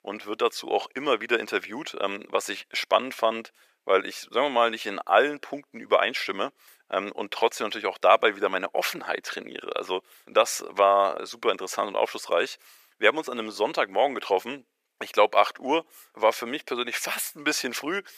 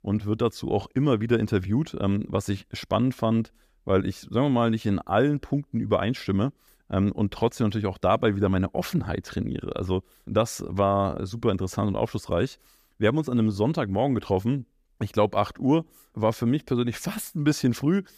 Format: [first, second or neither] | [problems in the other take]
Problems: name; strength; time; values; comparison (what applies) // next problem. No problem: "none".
second | thin; very; fading below 500 Hz